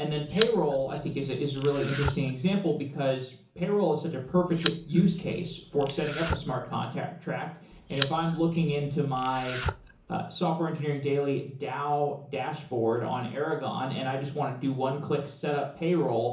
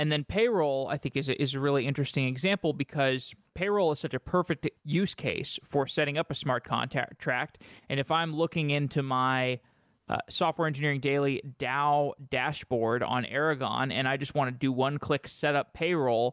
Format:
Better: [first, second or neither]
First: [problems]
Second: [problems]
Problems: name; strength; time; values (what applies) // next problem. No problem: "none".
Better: second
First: background sound (Domestic sounds, home sounds); 10 dB below the speech // room echo; dies away in 0.7 s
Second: none